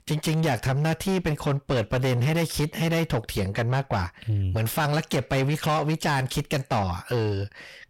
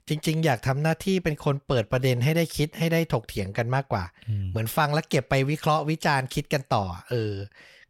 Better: second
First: distortion; heavy; 7 dB below the speech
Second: none

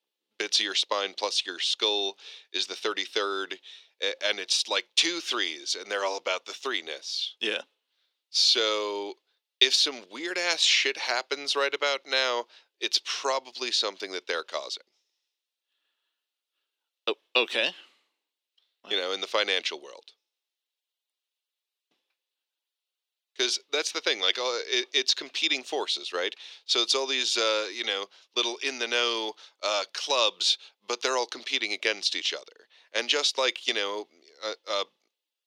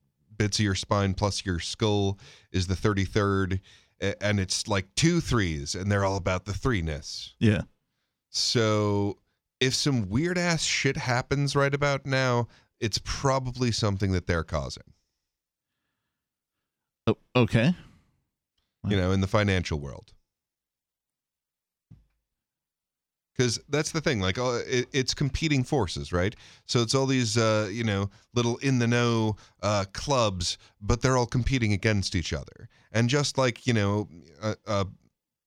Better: second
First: thin; very; fading below 350 Hz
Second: none

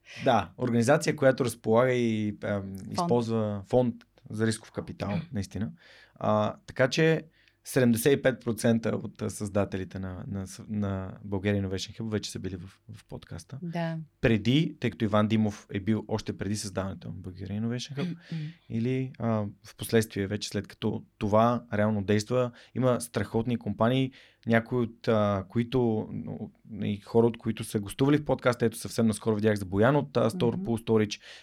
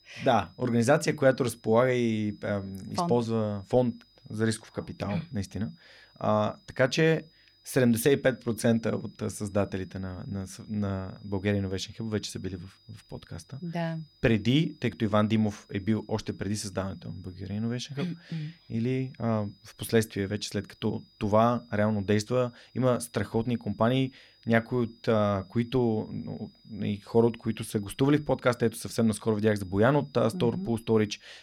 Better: first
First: none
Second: high-pitched whine; faint; throughout; 5 kHz, 30 dB below the speech

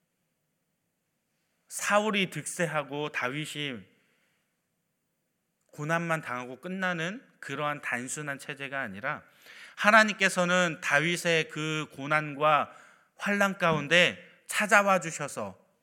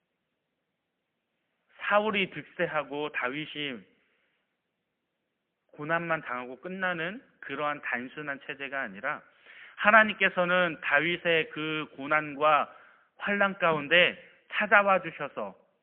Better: first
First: none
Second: phone-call audio; poor line; nothing above 3 kHz

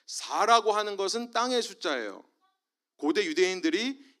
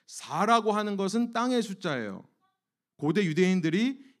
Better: second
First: thin; somewhat; fading below 300 Hz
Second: none

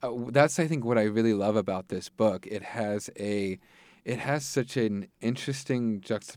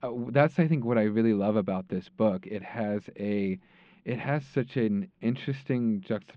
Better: first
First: none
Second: muffled; very; fading above 3 kHz

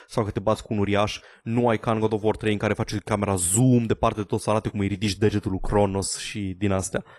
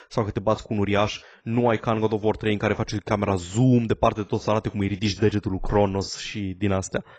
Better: first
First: garbled, watery; slightly; nothing above 11.5 kHz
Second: garbled, watery; badly; nothing above 7.5 kHz

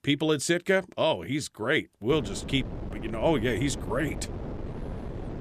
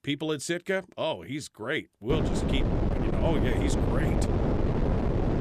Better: first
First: wind noise on the microphone; occasional gusts; from 2 s on; 15 dB below the speech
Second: wind noise on the microphone; heavy; from 2 s on; as loud as the speech

